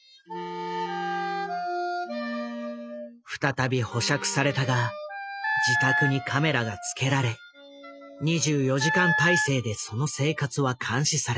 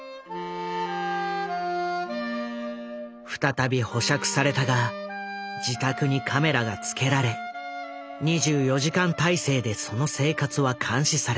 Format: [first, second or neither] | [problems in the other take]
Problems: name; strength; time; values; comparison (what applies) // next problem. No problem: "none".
second | noise reduction (classical method Wiener filter)